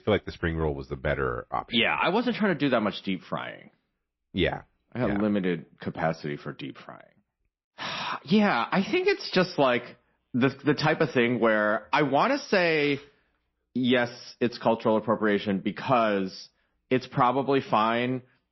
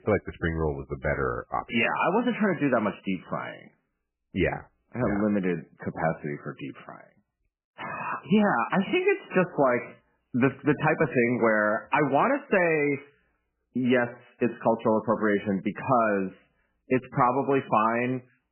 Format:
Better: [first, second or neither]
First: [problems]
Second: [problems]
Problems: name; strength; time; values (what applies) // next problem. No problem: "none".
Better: first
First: garbled, watery; slightly; nothing above 5.5 kHz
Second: garbled, watery; badly; nothing above 3 kHz